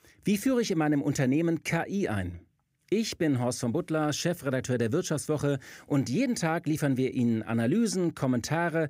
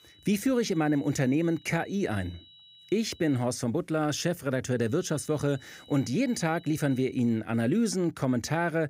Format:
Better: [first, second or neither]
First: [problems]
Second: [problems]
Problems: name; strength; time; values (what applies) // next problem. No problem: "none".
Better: first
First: none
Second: high-pitched whine; faint; until 3.5 s and from 5 to 7 s; 4 kHz, 25 dB below the speech